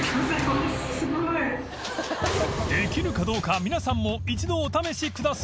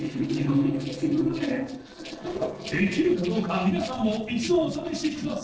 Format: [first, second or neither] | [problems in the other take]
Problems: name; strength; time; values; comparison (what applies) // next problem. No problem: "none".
first | noise reduction (neural separator model SepFormer DNS4)